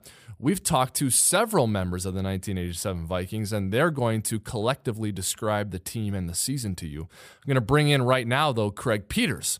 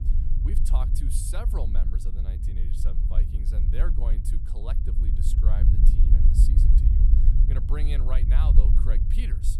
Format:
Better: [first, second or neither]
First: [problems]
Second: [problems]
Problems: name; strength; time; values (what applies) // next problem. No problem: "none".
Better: first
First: none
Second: low rumble; loud; throughout; 1 dB below the speech